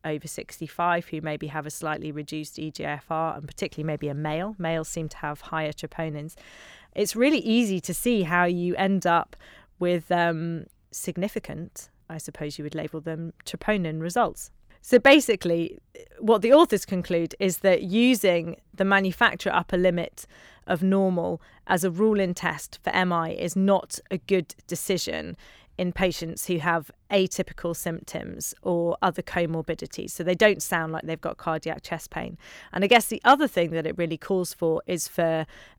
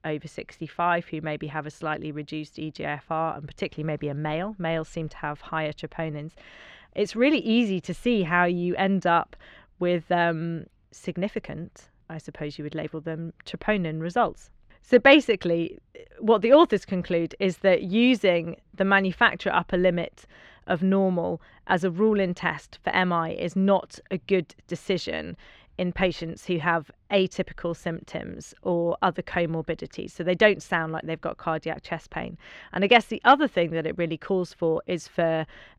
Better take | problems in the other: first | muffled; slightly; fading above 3 kHz

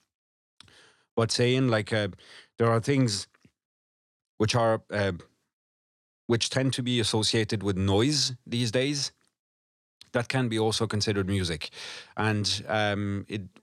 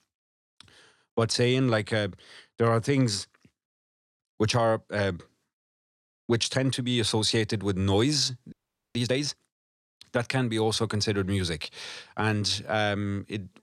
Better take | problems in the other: first | audio freezing; at 8.5 s

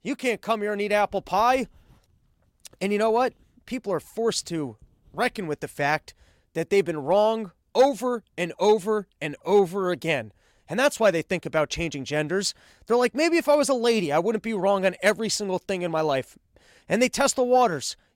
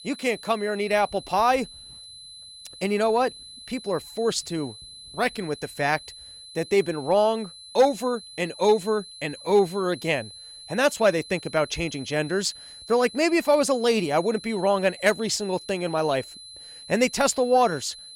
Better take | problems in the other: first | high-pitched whine; noticeable; throughout; 4 kHz, 15 dB below the speech

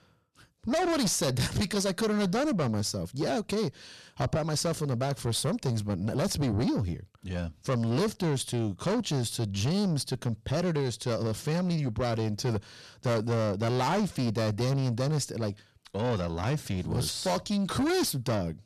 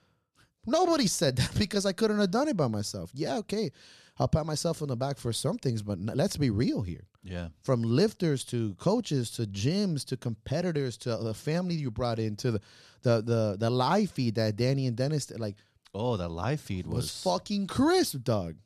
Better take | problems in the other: second | distortion; heavy; 8 dB below the speech

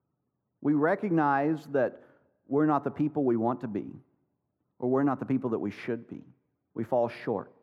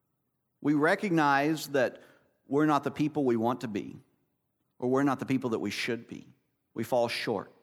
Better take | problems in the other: second | muffled; very; fading above 2.5 kHz

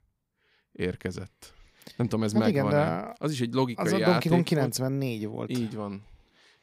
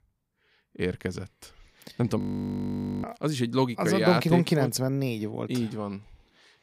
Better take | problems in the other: first | audio freezing; at 2 s for 1 s

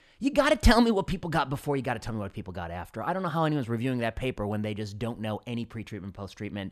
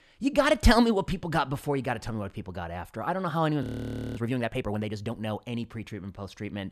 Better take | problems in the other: first | audio freezing; at 3.5 s for 0.5 s

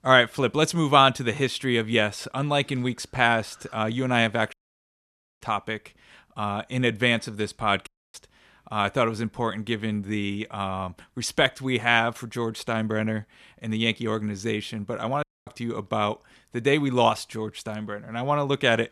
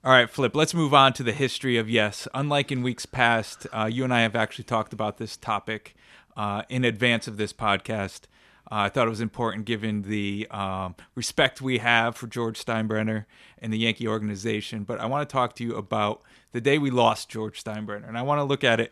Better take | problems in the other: second | audio cutting out; at 4.5 s for 1 s, at 8 s and at 15 s

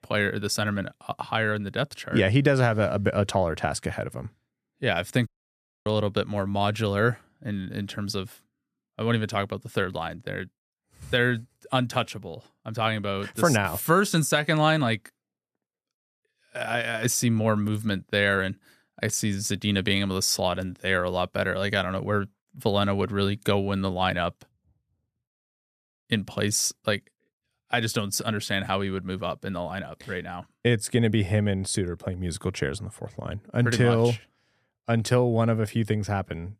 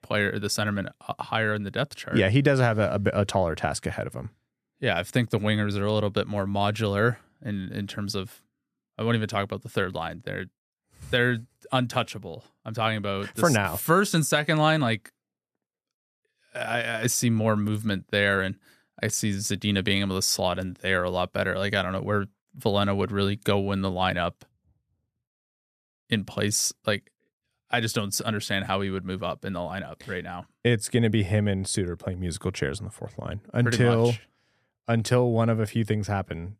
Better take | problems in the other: second | audio cutting out; at 5.5 s for 0.5 s

